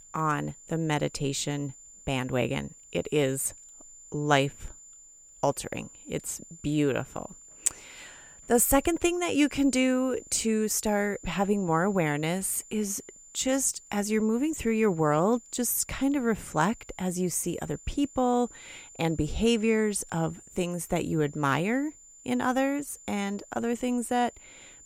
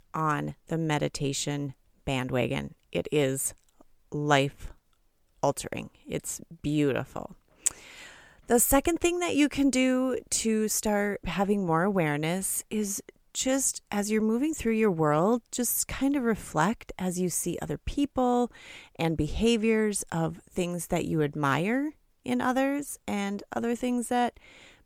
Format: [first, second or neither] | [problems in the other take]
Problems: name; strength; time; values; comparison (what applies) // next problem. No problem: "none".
second | high-pitched whine; faint; throughout; 7 kHz, 20 dB below the speech